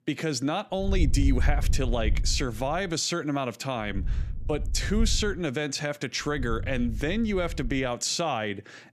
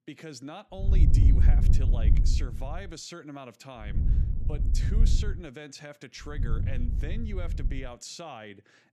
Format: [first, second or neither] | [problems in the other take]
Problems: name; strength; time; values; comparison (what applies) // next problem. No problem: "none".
first | low rumble; loud; from 1 to 3 s, from 4 to 5.5 s and from 6.5 to 8 s; 3 dB below the speech; faint in the first